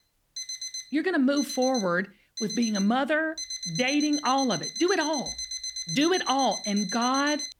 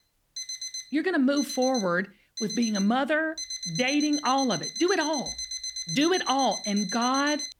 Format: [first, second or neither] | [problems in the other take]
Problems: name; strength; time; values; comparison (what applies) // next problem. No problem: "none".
neither | alarm; noticeable; peak 5 dB below the speech; the same in both